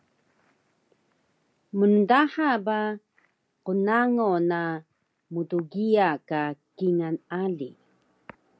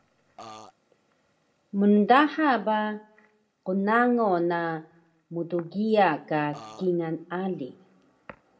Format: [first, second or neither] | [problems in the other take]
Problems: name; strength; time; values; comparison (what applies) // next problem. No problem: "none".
first | background sound (Burping, eructation); 17 dB below the speech // room echo; dies away in 0.3 s